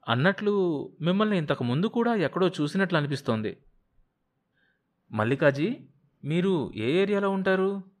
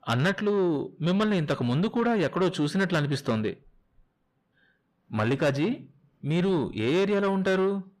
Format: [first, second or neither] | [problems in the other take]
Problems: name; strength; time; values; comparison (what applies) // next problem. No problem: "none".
first | distortion; slight; 10 dB below the speech